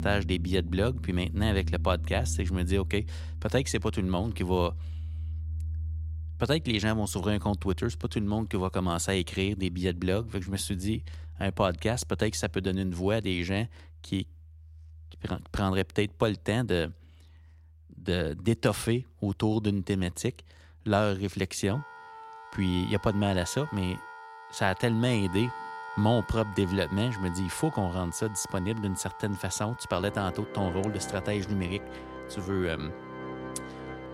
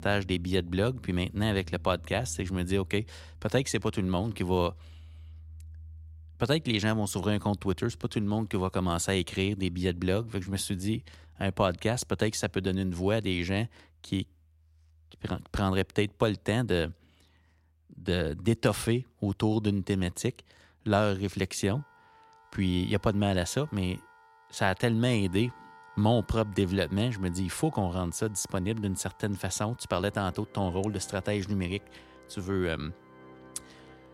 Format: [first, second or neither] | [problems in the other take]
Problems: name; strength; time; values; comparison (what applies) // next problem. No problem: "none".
second | background music; loud; throughout; 10 dB below the speech; faint in the second